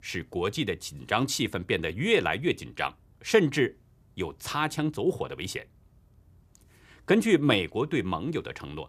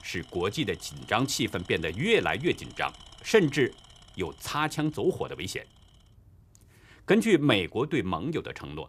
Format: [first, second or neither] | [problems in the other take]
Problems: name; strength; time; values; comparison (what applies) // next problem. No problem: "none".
first | machinery noise; faint; throughout; 25 dB below the speech